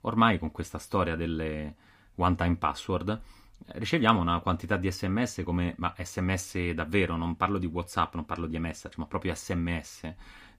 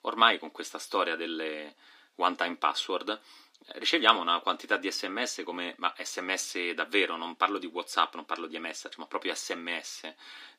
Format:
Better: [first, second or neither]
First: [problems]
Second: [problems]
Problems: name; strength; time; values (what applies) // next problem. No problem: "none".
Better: first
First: none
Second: thin; very; fading below 300 Hz